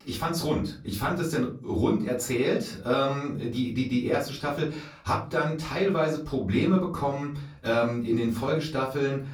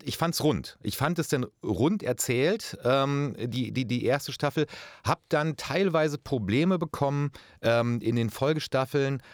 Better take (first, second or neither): second